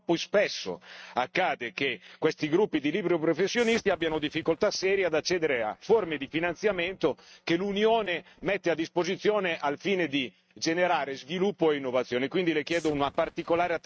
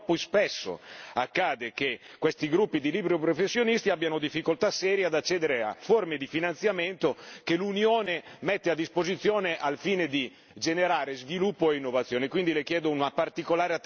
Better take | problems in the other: second | noise reduction (neural mask model RNNoise)

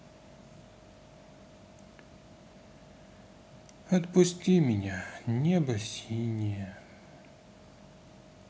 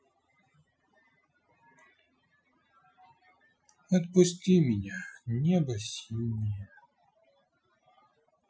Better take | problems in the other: first | noise reduction (classical method Wiener filter)

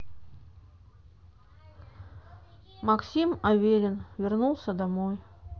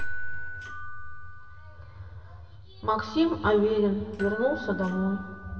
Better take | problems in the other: first | background sound (Door / Bell); 14 dB below the speech // room echo; dies away in 2 s

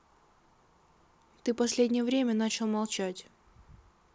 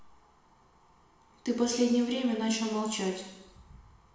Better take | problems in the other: first | room echo; dies away in 1 s

